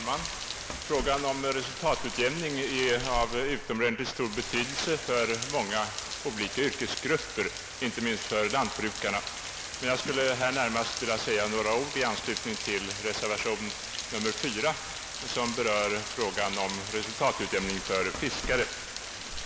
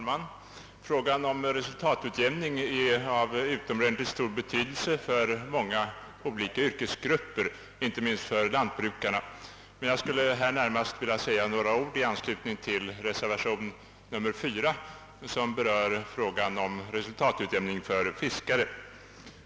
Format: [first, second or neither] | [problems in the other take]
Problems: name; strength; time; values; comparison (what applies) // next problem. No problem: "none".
second | background sound (Rain); 7 dB below the speech